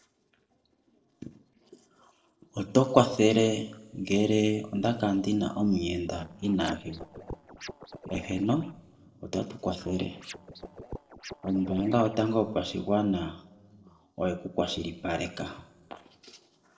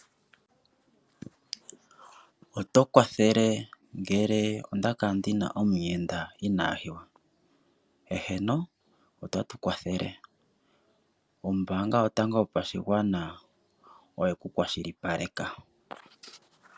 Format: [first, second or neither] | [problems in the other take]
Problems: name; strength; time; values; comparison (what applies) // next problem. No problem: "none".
second | noise reduction (neural separator model SepFormer DNS4)